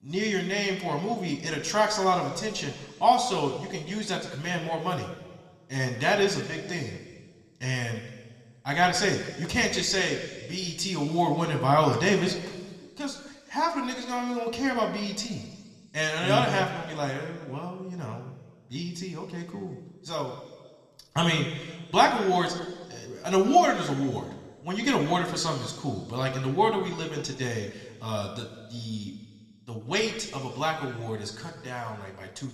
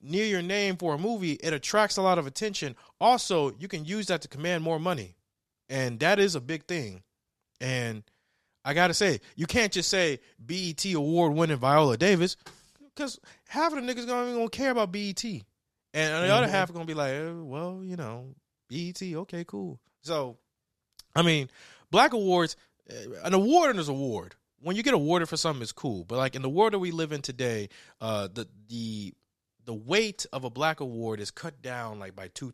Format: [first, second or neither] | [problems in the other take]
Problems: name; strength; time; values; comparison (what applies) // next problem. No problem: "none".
second | room echo; slight; dies away in 1.6 s